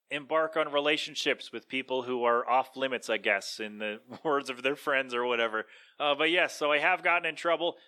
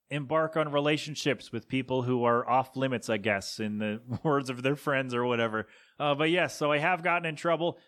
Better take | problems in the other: second | thin; somewhat; fading below 400 Hz

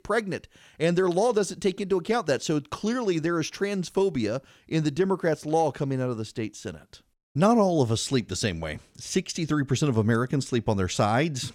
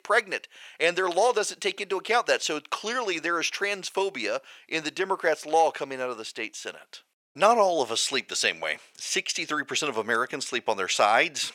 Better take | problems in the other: first | thin; very; fading below 650 Hz

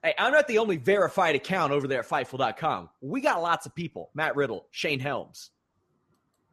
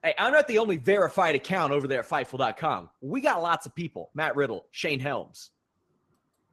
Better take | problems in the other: first | garbled, watery; slightly; nothing above 13.5 kHz

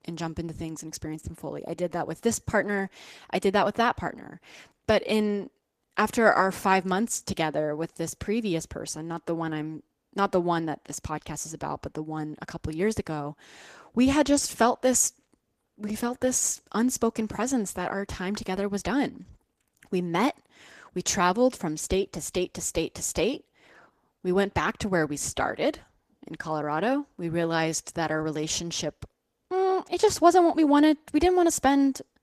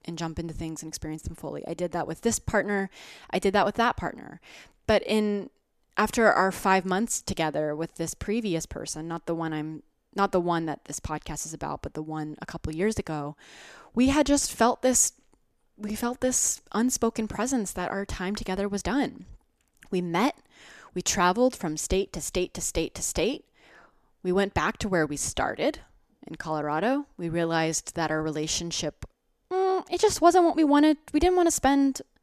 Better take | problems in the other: second | garbled, watery; slightly; nothing above 14.5 kHz

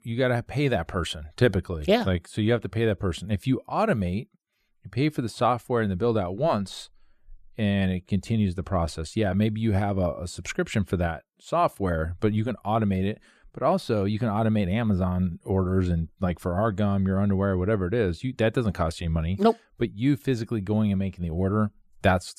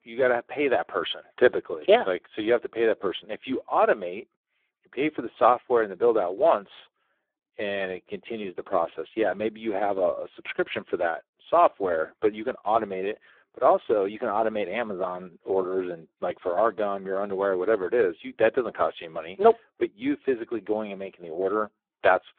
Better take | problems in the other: first | phone-call audio; poor line

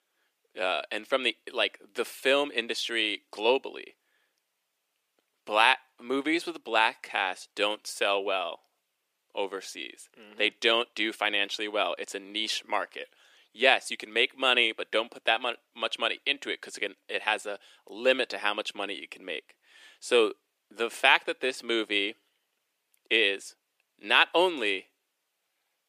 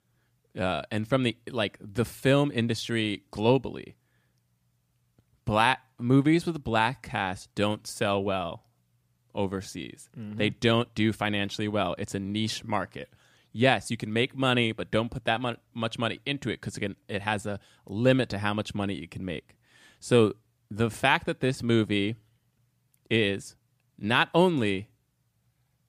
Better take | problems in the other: second | thin; very; fading below 350 Hz

